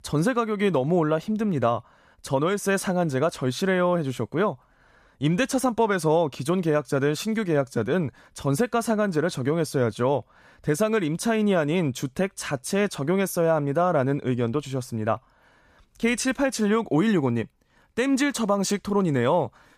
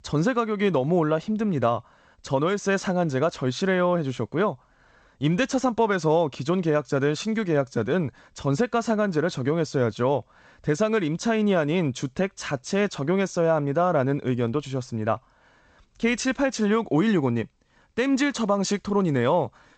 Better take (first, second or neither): first